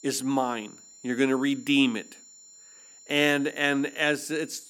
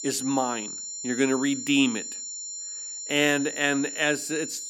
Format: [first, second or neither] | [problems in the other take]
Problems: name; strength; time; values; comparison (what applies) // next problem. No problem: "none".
first | high-pitched whine; loud; throughout; 7 kHz, 8 dB below the speech; faint in the first